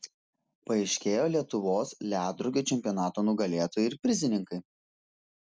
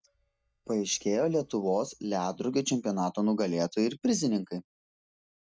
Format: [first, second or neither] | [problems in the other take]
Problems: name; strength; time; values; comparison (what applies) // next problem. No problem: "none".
first | noise reduction (neural mask model DeepFilterNet 3)